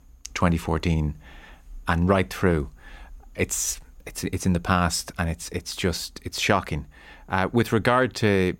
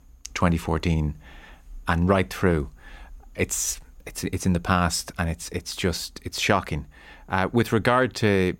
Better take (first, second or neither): neither